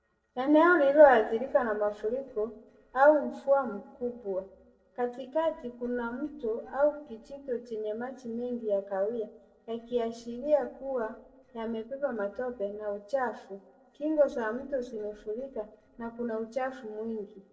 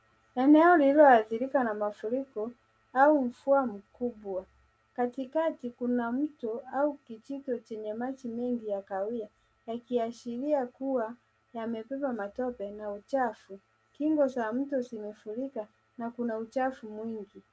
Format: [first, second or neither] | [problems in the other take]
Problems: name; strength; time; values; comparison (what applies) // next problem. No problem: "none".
second | noise reduction (neural separator model SepFormer DNS4)